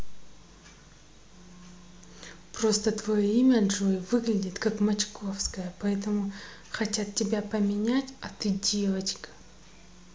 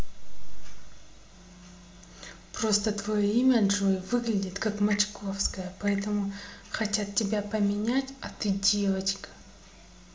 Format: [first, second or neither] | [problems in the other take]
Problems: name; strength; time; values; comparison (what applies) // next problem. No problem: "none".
first | background sound (Clock); 17 dB below the speech // room echo; dies away in 0.3 s